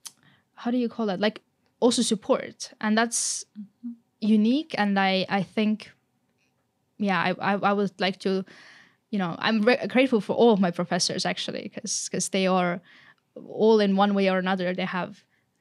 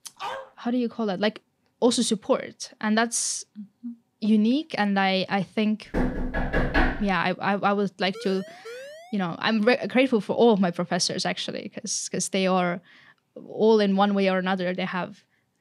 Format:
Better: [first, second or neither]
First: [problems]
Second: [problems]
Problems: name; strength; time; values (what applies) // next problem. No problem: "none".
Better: first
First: none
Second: dog barking; faint; at the start; peak 10 dB below the speech // door banging; loud; from 6 to 7 s; peak 1 dB above the speech // siren; faint; from 8 to 9 s; peak 15 dB below the speech